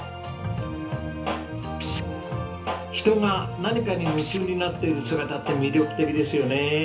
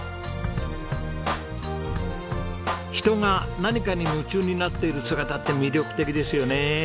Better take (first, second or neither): second